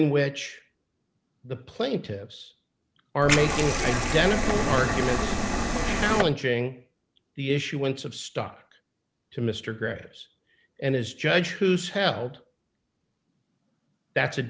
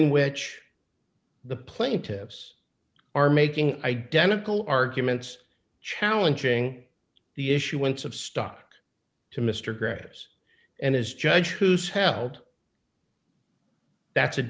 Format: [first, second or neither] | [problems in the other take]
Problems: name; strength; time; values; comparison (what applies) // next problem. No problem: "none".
second | background sound (Liquid); 3 dB above the speech